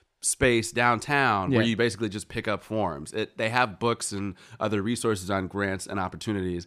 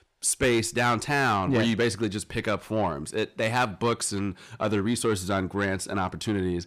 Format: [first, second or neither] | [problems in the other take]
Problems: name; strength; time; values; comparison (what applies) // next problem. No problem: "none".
first | distortion; slight; 10 dB below the speech